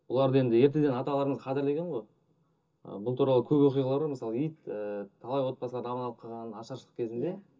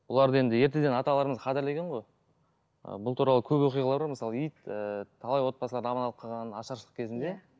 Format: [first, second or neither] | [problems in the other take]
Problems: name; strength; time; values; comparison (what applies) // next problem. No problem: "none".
second | room echo; dies away in 0.2 s